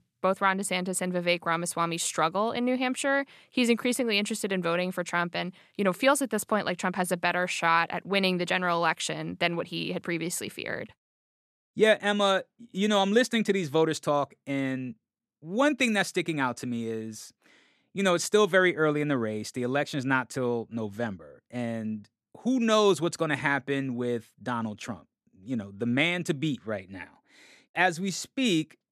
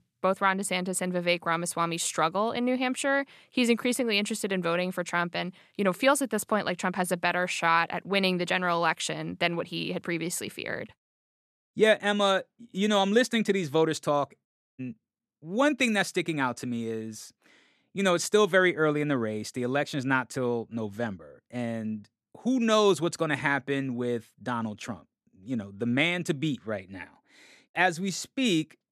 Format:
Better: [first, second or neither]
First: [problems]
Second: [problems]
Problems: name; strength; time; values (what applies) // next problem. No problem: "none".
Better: first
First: none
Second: audio cutting out; at 14 s